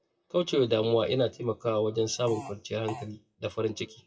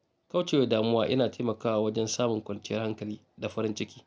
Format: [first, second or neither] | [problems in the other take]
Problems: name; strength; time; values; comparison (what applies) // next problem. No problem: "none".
second | noise reduction (classical method WPE with log-MMSE)